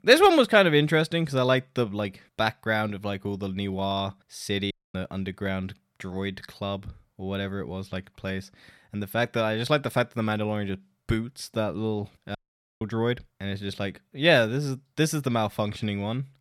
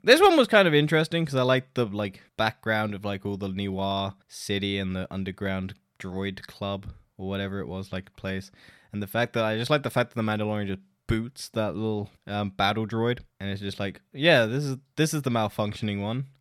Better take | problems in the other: second | audio cutting out; at 4.5 s and at 12 s

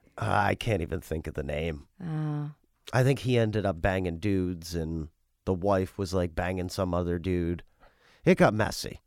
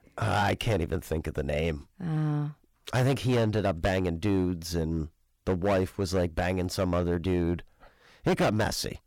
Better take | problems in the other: first | distortion; heavy; 8% of the sound clipped

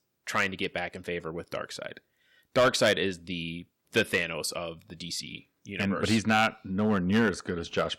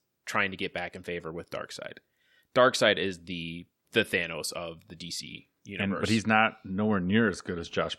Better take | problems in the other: second | distortion; slight; 1.7% of the sound clipped

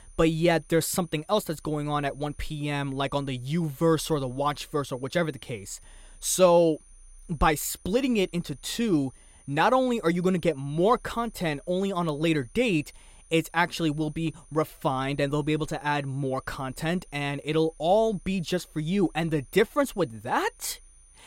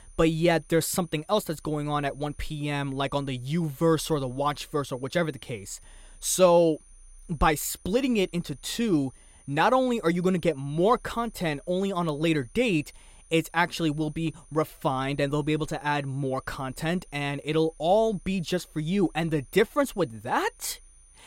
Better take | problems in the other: neither | high-pitched whine; faint; throughout; 9.5 kHz, 30 dB below the speech; the same in both

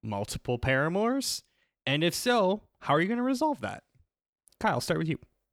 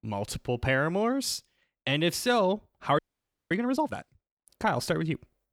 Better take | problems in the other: first | audio freezing; at 3 s for 0.5 s

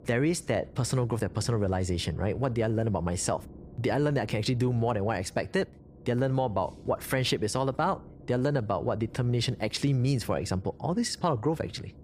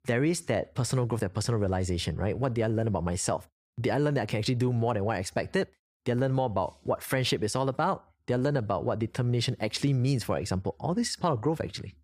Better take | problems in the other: second | low rumble; faint; throughout; 25 dB below the speech

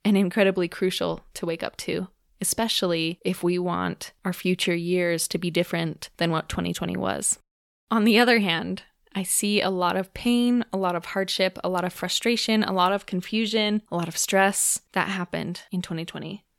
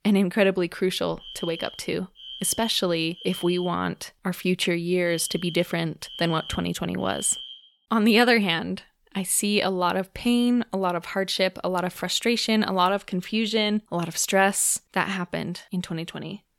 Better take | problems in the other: first | alarm; faint; from 1 to 7.5 s; peak 10 dB below the speech

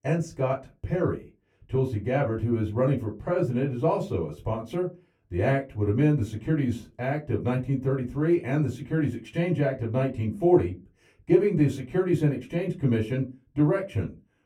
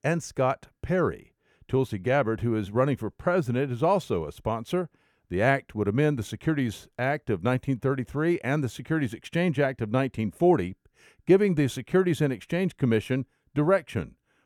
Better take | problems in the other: second | off-mic speech; far // room echo; very slight; dies away in 0.3 s

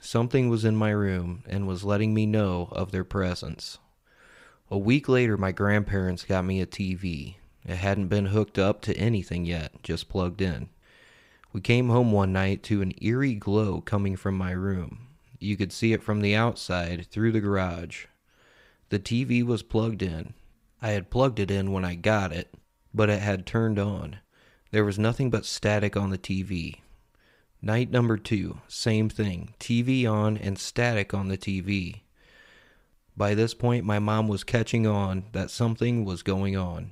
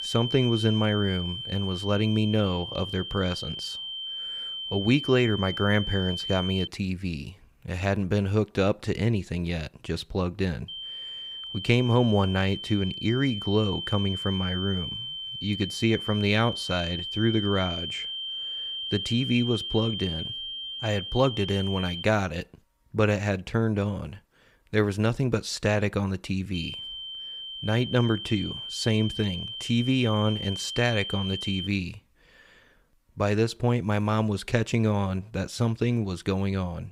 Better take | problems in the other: first | high-pitched whine; loud; until 6.5 s, from 11 to 22 s and from 27 to 32 s; 3 kHz, 6 dB below the speech

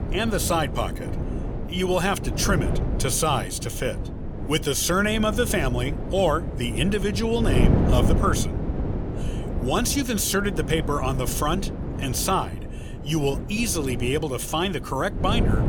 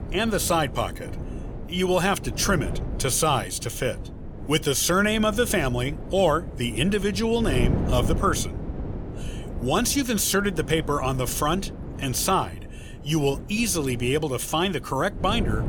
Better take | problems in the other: second | wind noise on the microphone; heavy; 10 dB below the speech; occasional gusts in the second

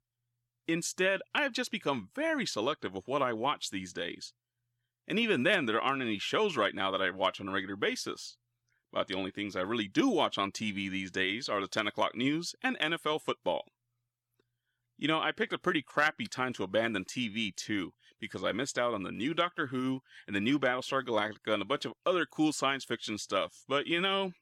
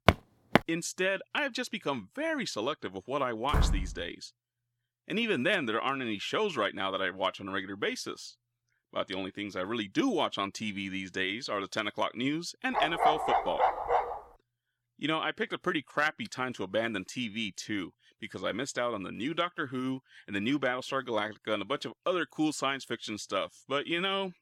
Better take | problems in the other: first | footsteps; loud; at the start; peak 5 dB above the speech // door banging; loud; at 3.5 s; peak 2 dB above the speech // dog barking; loud; from 13 to 14 s; peak 6 dB above the speech

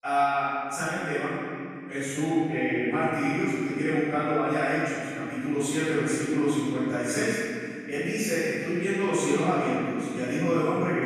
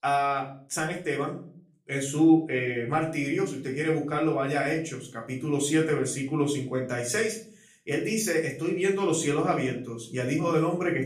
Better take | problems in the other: second | room echo; strong; dies away in 2.4 s; slight in the second // off-mic speech; far; far in the second

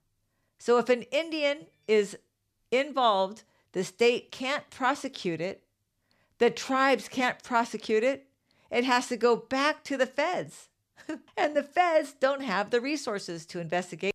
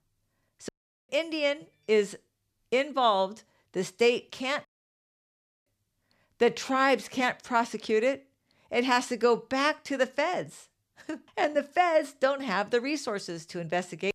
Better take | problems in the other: first | audio cutting out; at 0.5 s and at 4.5 s for 1 s

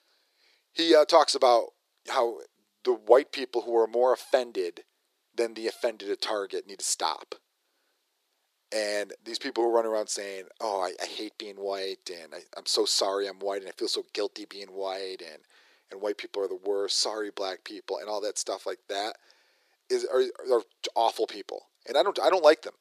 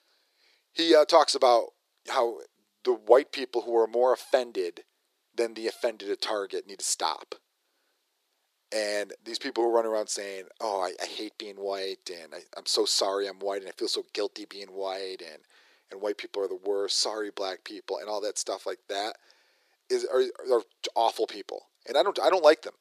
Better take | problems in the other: neither | thin; very; fading below 350 Hz; the same in both

